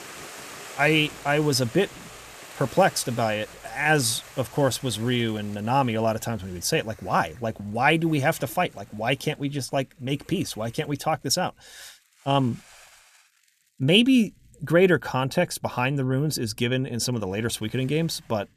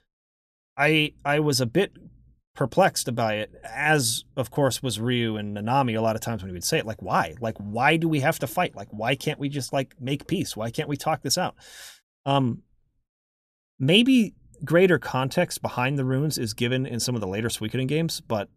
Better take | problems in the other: second | hiss; noticeable; throughout; 20 dB below the speech

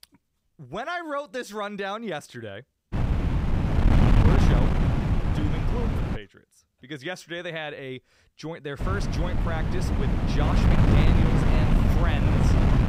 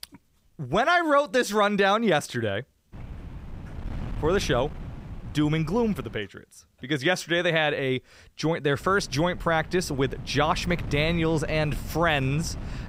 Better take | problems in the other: second | wind noise on the microphone; heavy; from 3 to 6 s and from 9 s on; 3 dB above the speech; occasional gusts in the second

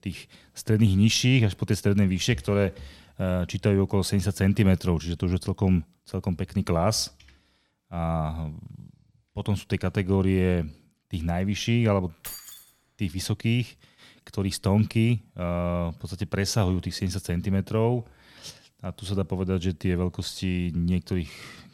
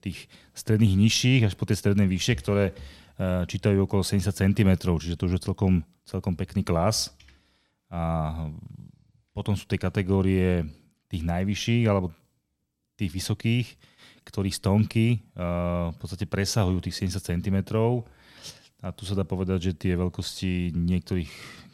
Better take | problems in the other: second | jangling keys; faint; at 12 s; peak 10 dB below the speech

